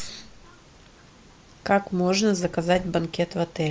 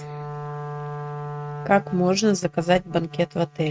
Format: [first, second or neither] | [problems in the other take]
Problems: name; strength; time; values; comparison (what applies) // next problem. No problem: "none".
first | noise reduction (neural mask model RNNoise)